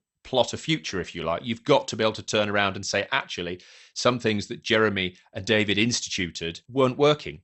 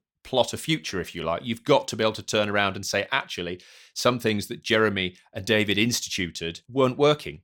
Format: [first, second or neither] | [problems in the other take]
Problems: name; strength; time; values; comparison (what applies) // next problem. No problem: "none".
second | garbled, watery; slightly; nothing above 8 kHz